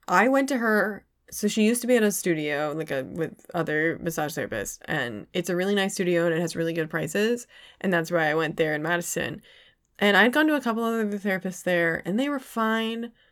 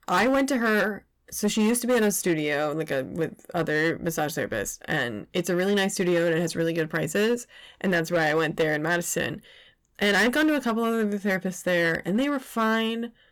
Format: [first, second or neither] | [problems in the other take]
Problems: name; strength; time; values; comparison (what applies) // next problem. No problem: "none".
first | distortion; slight; 7% of the sound clipped